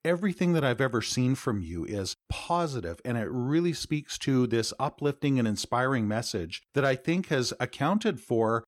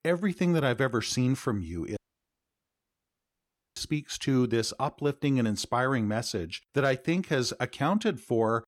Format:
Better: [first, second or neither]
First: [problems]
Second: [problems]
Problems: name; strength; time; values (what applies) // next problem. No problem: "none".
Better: first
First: none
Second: audio cutting out; at 2 s for 2 s